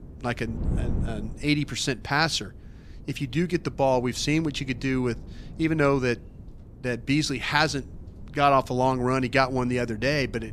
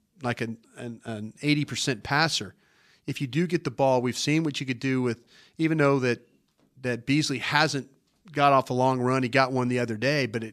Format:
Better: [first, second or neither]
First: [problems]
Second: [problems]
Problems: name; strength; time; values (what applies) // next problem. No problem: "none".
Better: second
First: wind noise on the microphone; occasional gusts; 25 dB below the speech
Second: none